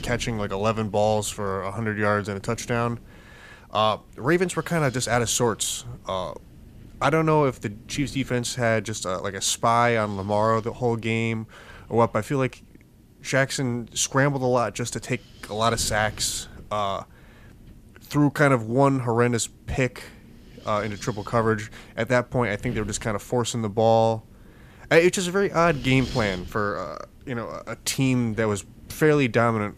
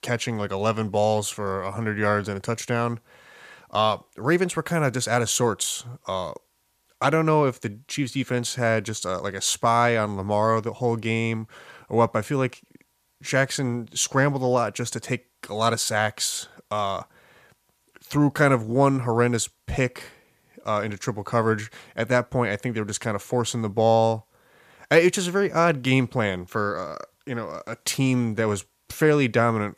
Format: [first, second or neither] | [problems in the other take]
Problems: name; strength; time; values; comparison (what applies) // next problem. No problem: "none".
second | wind noise on the microphone; occasional gusts; 25 dB below the speech